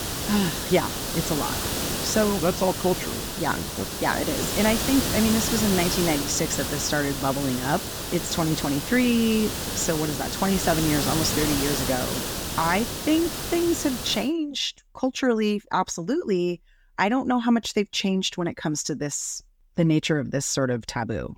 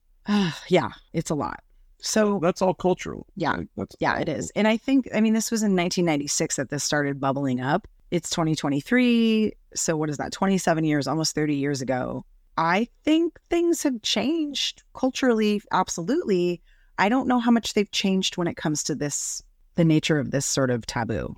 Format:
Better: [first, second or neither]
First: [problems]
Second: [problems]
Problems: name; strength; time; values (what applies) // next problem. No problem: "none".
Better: second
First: hiss; loud; until 14 s; 2 dB below the speech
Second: none